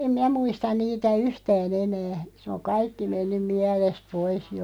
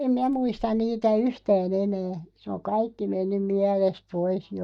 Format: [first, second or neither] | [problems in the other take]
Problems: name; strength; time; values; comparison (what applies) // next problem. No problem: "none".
first | noise reduction (neural mask model DeepFilterNet 3)